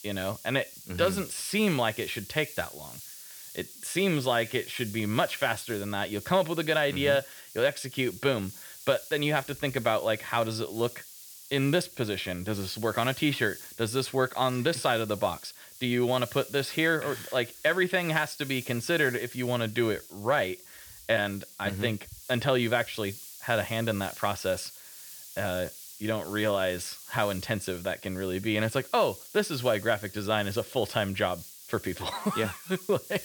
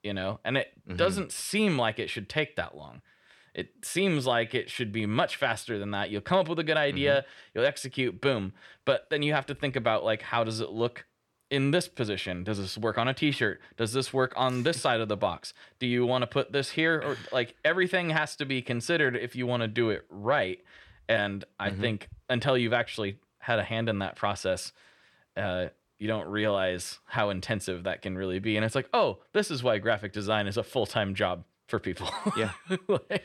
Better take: second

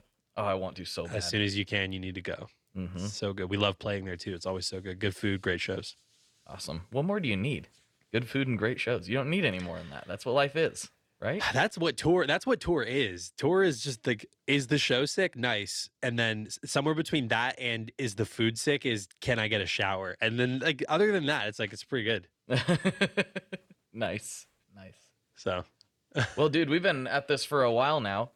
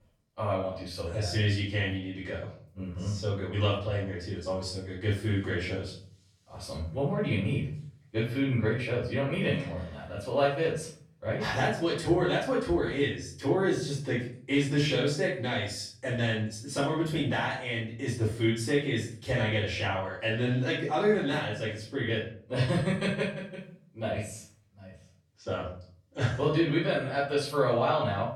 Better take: first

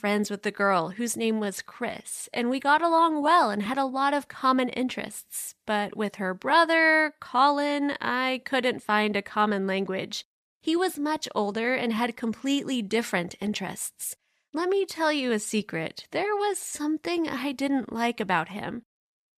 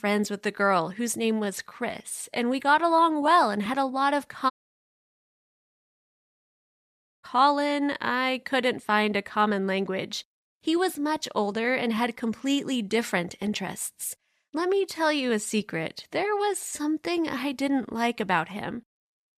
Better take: first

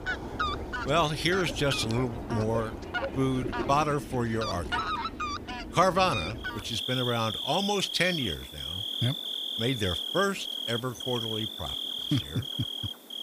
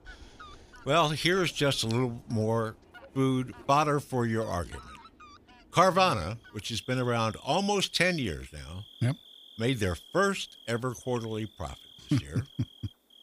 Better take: second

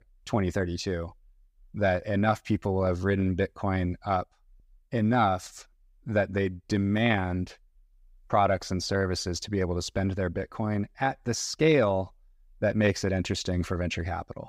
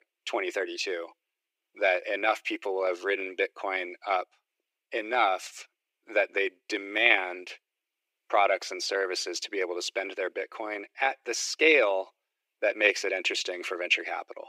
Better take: first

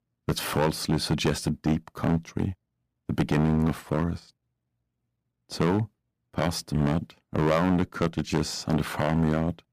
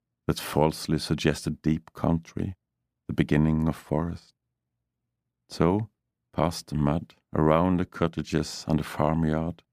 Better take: second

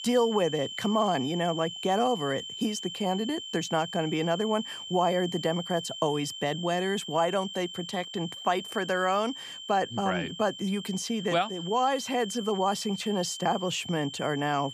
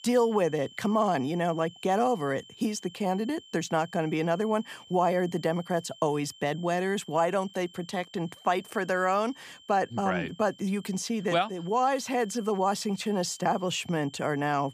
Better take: second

